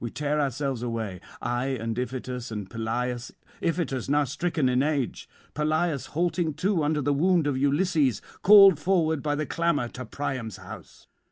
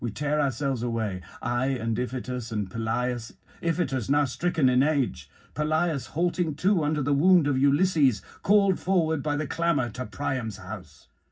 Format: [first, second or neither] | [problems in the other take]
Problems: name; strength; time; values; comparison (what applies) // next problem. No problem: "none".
first | room echo; dies away in 0.4 s